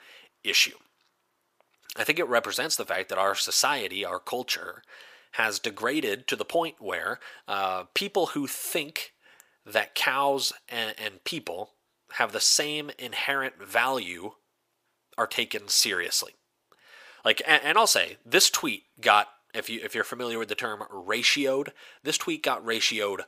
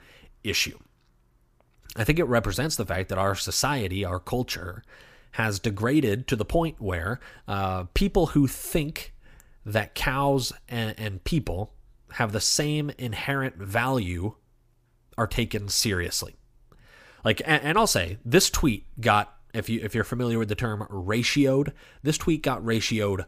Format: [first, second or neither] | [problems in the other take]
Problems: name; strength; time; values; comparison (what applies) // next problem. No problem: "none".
second | thin; somewhat; fading below 500 Hz